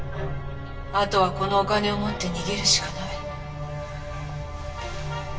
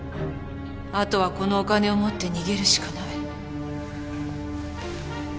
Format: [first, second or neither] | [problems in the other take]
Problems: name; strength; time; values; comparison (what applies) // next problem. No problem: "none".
second | background sound (Bowed string instrument); 20 dB below the speech // room echo; dies away in 0.1 s